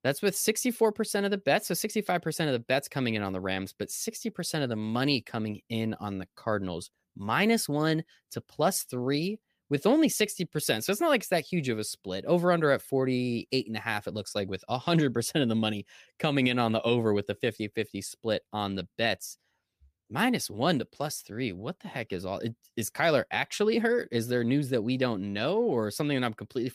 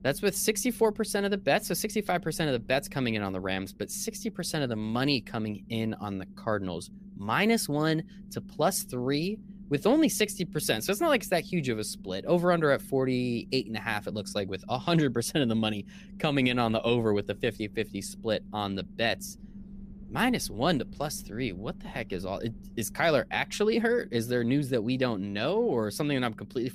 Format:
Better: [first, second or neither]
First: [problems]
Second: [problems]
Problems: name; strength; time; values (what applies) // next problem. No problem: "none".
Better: first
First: none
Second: low rumble; faint; throughout; 25 dB below the speech